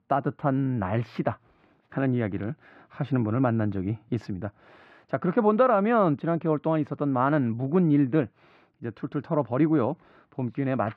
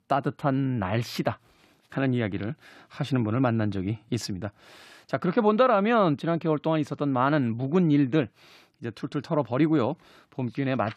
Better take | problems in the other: second | muffled; very; fading above 4 kHz

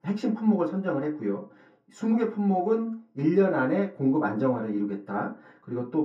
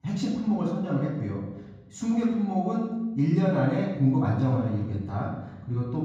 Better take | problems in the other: first | room echo; strong; dies away in 1.3 s; slight in the first // off-mic speech; far; far in the first

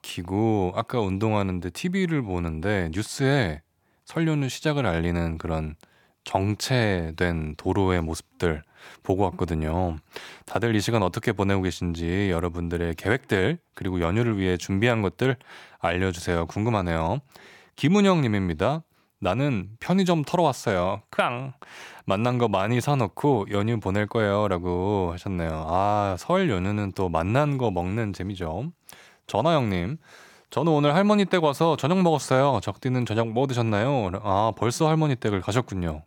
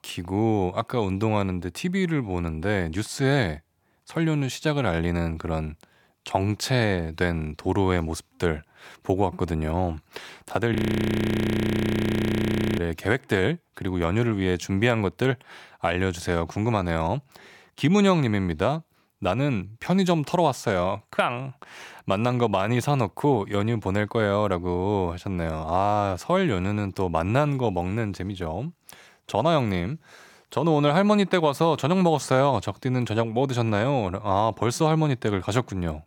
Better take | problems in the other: first | audio freezing; at 11 s for 2 s

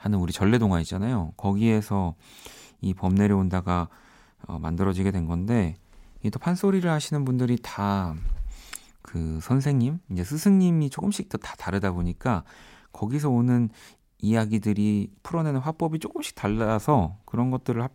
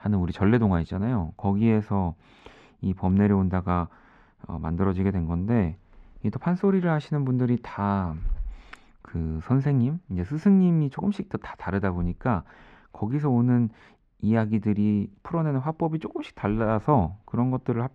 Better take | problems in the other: first | muffled; very; fading above 2 kHz

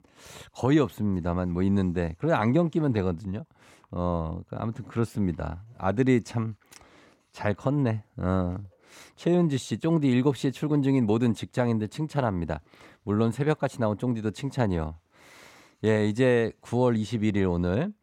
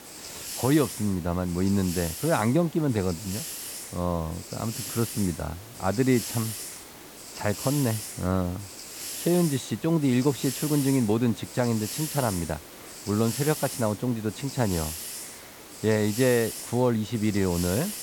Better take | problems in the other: first | hiss; loud; throughout; 9 dB below the speech

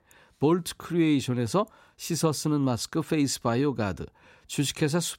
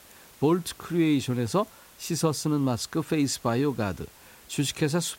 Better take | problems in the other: first | hiss; faint; throughout; 25 dB below the speech

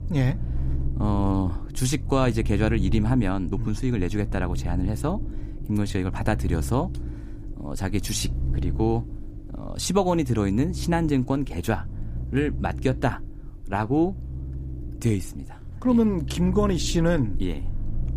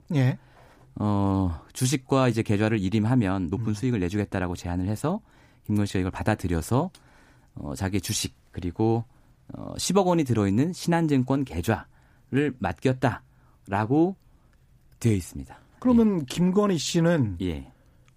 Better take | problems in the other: second | low rumble; noticeable; throughout; 15 dB below the speech

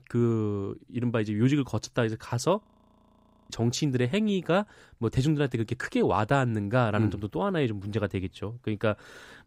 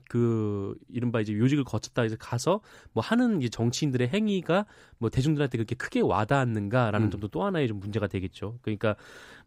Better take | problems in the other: second | audio freezing; at 2.5 s for 1 s

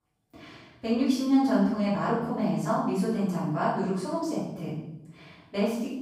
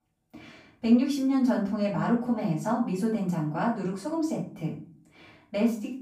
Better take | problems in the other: second | room echo; strong; dies away in 0.8 s; slight in the second // off-mic speech; far; far in the second

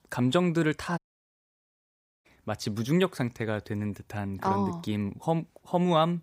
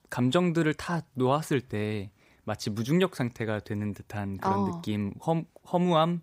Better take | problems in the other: second | audio cutting out; at 1 s for 1.5 s

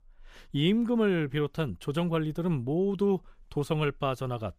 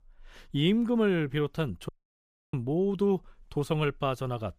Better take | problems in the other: first | audio cutting out; at 2 s for 0.5 s

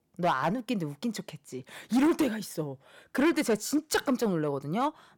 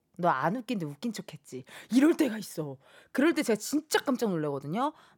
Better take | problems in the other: second | distortion; slight; 4% of the sound clipped

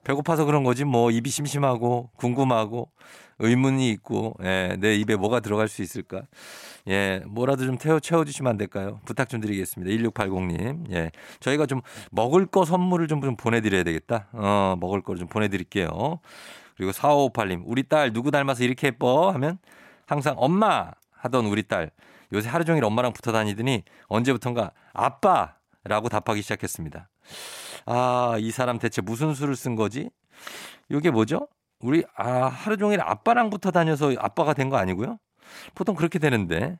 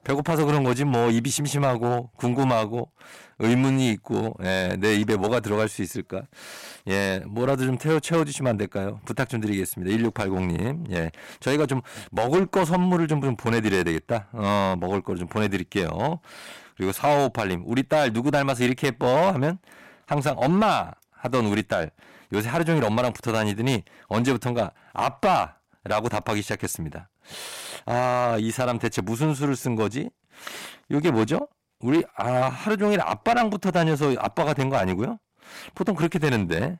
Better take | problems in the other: first | distortion; slight; 5% of the sound clipped

